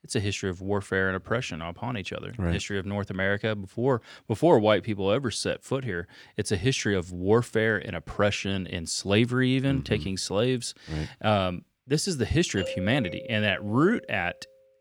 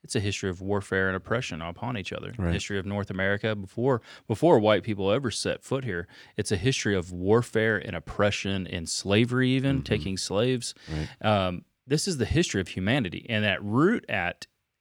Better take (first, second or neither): second